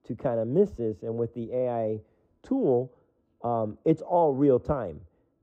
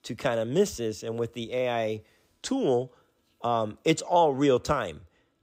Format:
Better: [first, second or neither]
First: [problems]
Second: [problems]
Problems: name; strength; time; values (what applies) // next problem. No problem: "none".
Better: second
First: muffled; very; fading above 1.5 kHz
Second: none